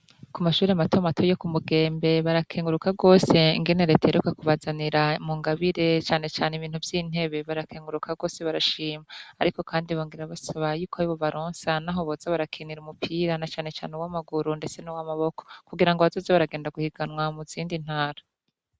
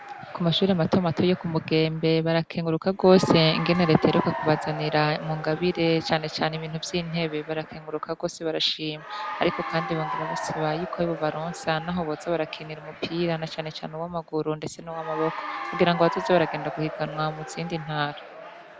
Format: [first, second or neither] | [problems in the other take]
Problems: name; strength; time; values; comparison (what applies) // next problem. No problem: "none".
first | background sound (Applause / Cheering); 11 dB below the speech